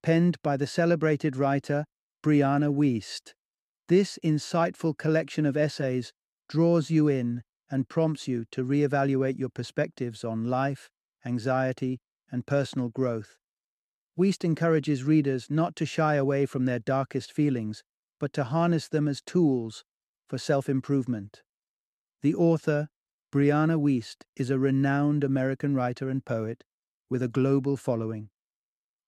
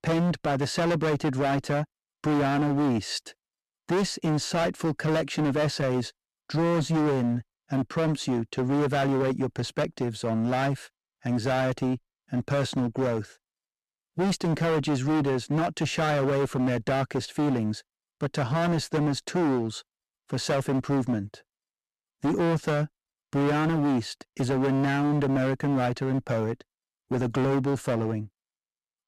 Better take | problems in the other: first | distortion; heavy; 22% of the sound clipped

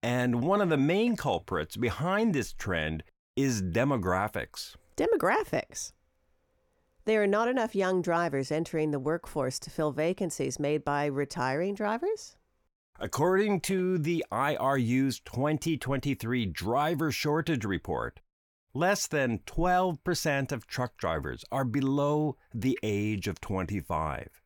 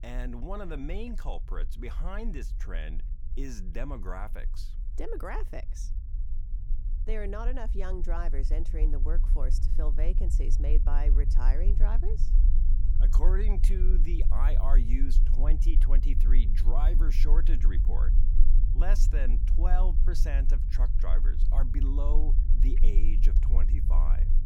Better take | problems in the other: first | low rumble; loud; throughout; 9 dB below the speech

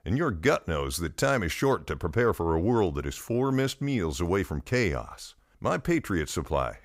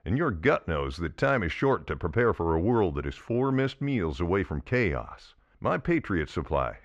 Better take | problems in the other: first | muffled; slightly; fading above 2.5 kHz

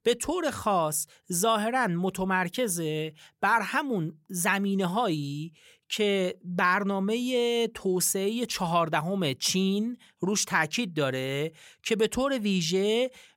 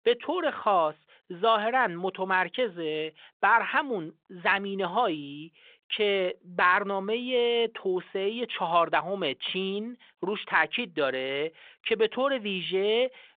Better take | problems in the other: first | phone-call audio

